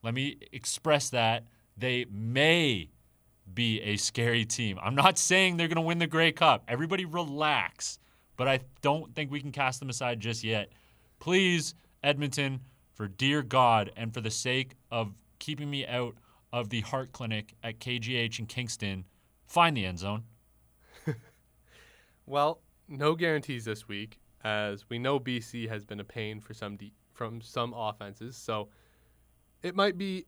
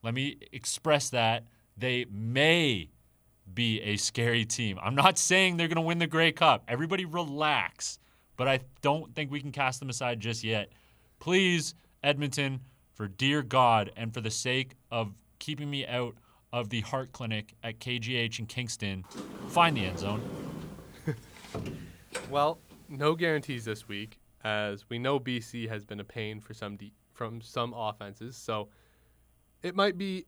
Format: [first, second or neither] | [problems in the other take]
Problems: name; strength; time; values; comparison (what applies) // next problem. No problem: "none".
first | door banging; noticeable; from 19 to 24 s; peak 9 dB below the speech